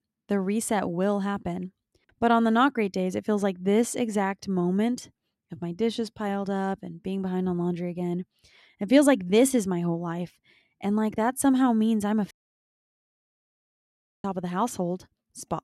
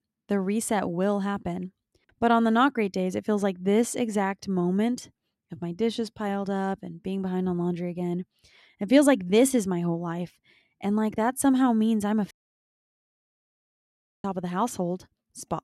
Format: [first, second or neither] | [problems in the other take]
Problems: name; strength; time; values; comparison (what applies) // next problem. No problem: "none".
neither | audio cutting out; at 12 s for 2 s; the same in both